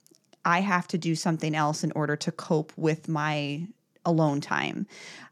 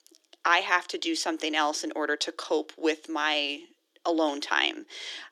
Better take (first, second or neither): first